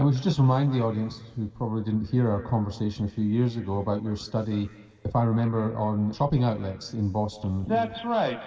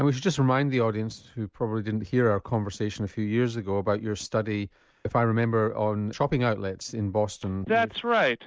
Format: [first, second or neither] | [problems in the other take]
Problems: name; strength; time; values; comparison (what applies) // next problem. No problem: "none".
second | room echo; dies away in 2 s